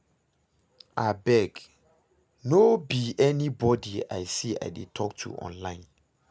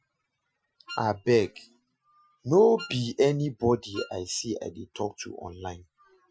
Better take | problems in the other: first | noise reduction (classical method Wiener filter)

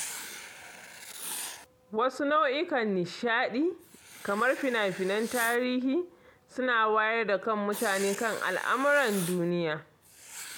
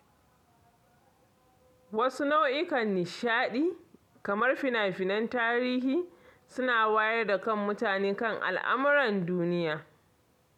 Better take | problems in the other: second | background sound (Writing); 15 dB below the speech

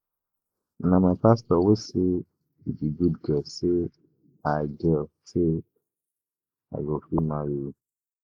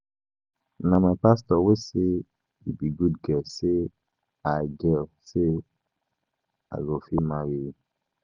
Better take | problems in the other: second | noise reduction (neural mask model Resemble Enhance denoiser)

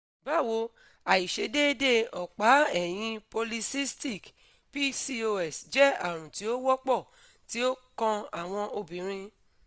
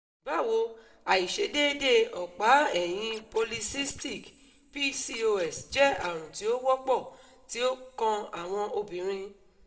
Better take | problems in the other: first | background sound (Scratching (performance technique)); 18 dB below the speech // room echo; dies away in 0.7 s

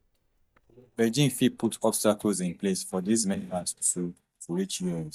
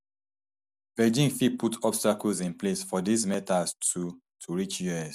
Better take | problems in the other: second | noise reduction (neural mask model DeepFilterNet 3)

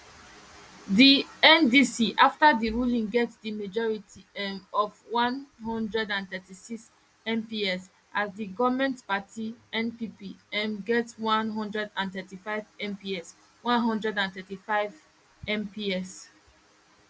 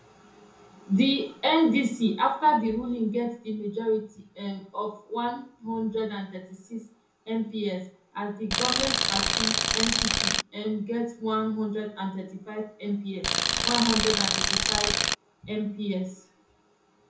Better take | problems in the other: first | background sound (Tools); 4 dB above the speech // room echo; dies away in 0.6 s

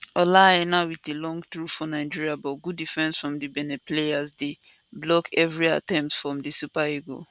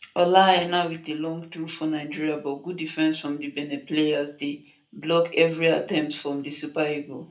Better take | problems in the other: first | background sound (Whoosh, swoosh, swish); 12 dB below the speech // room echo; dies away in 0.3 s

